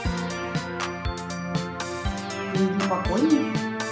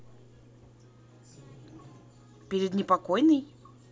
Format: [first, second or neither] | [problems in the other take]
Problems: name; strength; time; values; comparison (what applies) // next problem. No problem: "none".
second | background sound (Organ); as loud as the speech // room echo; dies away in 0.6 s